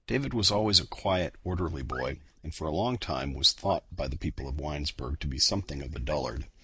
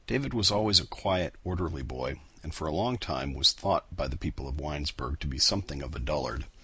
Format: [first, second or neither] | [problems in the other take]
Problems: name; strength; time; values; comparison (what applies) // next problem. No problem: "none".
second | noise reduction (neural mask model DeepFilterNet 3)